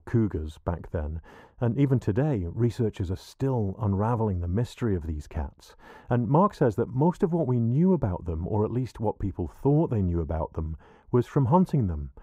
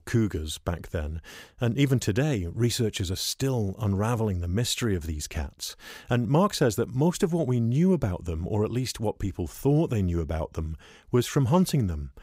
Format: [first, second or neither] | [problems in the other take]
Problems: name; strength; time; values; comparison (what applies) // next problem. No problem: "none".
second | muffled; very; fading above 2 kHz